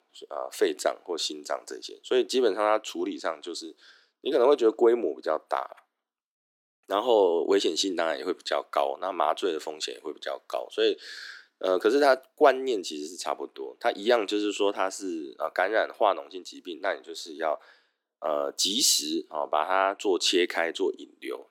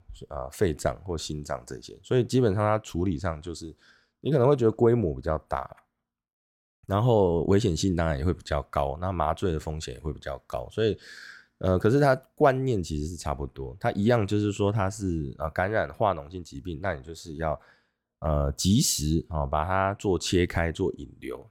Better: second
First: thin; somewhat; fading below 300 Hz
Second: none

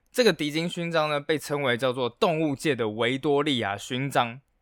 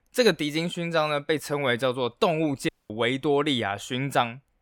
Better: first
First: none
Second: audio cutting out; at 2.5 s

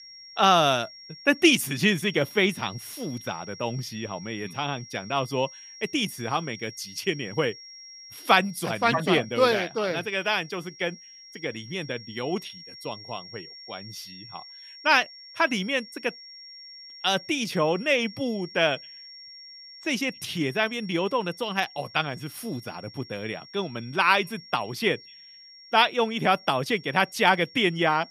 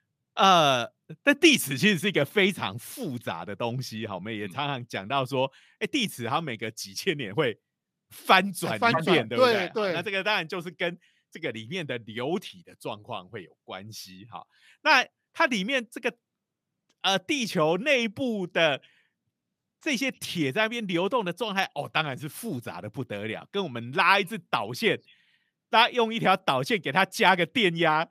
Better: second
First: high-pitched whine; noticeable; throughout; 5.5 kHz, 20 dB below the speech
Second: none

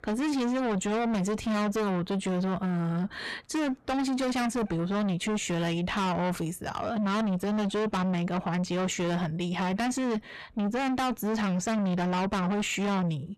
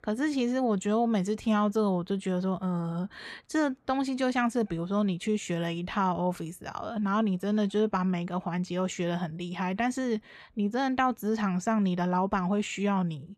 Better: second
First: distortion; heavy; 7 dB below the speech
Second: none

